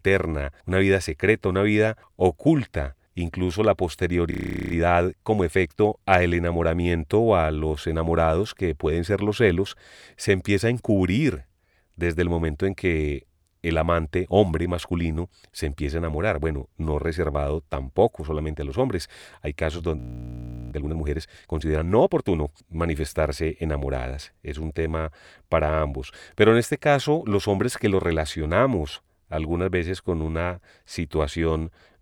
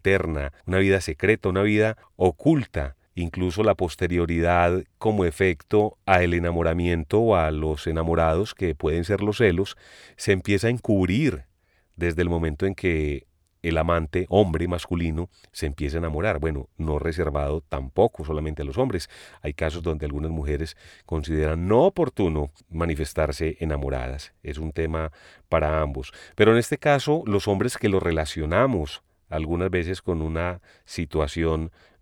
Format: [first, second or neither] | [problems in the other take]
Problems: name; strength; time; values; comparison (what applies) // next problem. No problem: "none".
second | audio freezing; at 4.5 s and at 20 s for 0.5 s